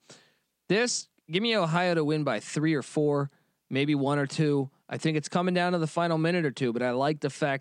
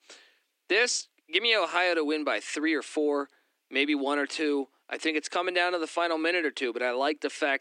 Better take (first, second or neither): first